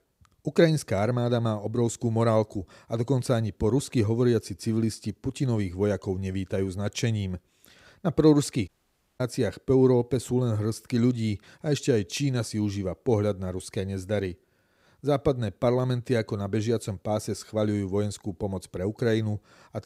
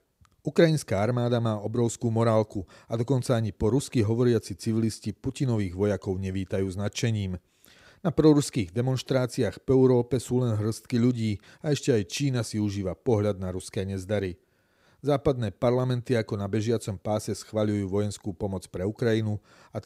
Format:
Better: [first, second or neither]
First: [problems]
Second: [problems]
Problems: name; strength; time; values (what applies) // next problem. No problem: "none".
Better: second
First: audio cutting out; at 8.5 s for 0.5 s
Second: none